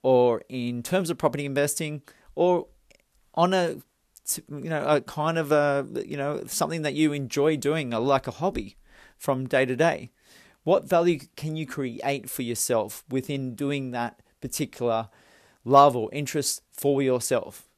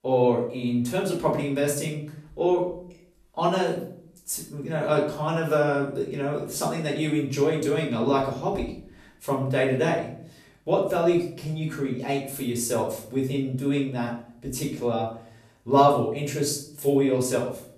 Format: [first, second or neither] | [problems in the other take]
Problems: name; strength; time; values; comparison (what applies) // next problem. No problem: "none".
first | room echo; noticeable; dies away in 0.5 s // off-mic speech; far